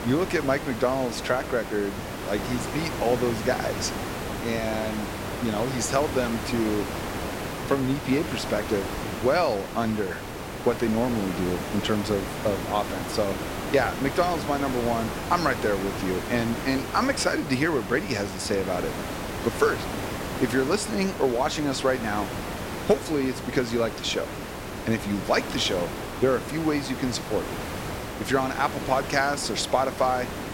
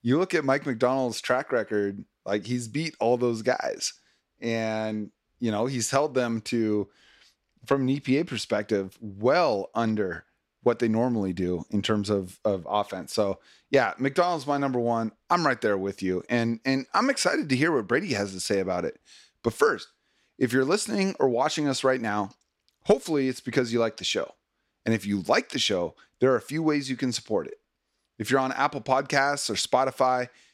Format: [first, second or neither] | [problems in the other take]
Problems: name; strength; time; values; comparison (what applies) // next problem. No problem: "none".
second | hiss; loud; throughout; 6 dB below the speech